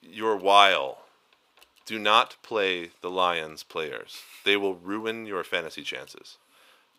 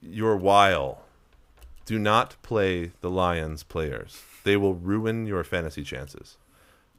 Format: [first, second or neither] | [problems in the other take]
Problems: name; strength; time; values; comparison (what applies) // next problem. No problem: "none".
second | thin; somewhat; fading below 350 Hz